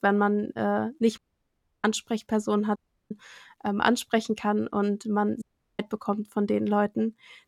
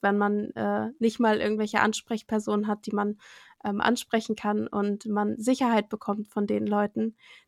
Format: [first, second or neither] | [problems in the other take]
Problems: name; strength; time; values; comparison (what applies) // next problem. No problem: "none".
second | audio cutting out; at 1 s for 0.5 s, at 3 s and at 5.5 s